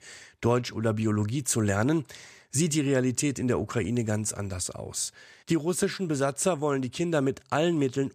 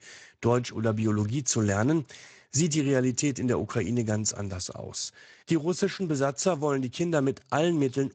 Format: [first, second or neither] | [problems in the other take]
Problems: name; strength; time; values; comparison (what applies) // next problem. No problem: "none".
first | garbled, watery; slightly; nothing above 7.5 kHz